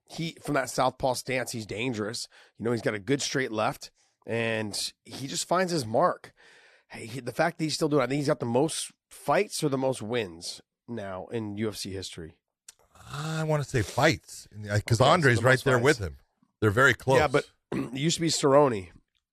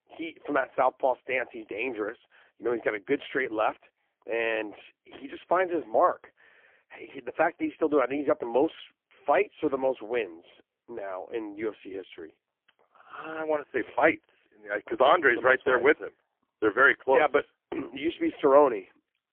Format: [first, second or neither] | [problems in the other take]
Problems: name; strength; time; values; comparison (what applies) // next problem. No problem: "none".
first | phone-call audio; poor line; nothing above 3.5 kHz